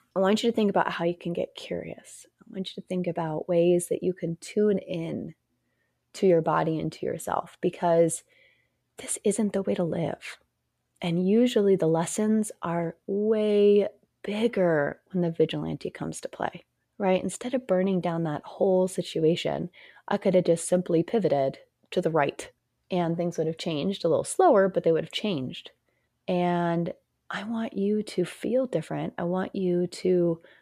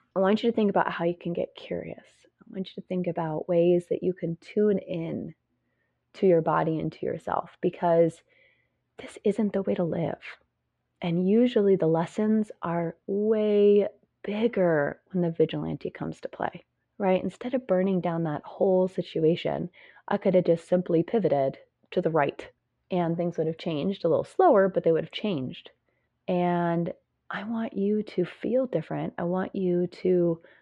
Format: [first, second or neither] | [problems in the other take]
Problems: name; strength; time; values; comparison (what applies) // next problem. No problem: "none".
first | muffled; slightly; fading above 2.5 kHz